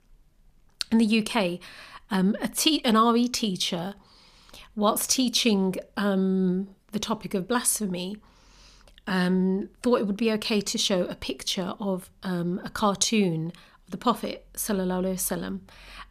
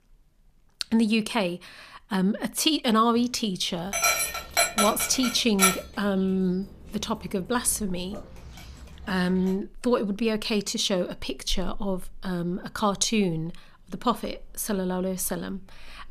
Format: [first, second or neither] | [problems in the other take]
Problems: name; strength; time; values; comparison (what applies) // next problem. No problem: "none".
first | animal sounds; very loud; from 3.5 s on; 1 dB above the speech